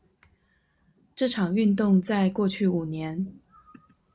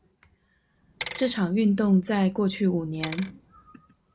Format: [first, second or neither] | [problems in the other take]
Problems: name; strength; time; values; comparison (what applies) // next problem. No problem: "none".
first | background sound (Bicycle); 16 dB below the speech